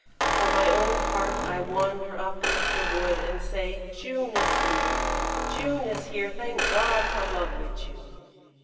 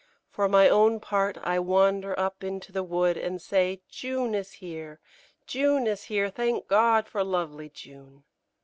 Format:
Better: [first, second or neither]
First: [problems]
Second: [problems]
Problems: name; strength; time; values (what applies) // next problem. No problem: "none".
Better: second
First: background sound (Squeak); 2 dB above the speech // room echo; dies away in 2.5 s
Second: none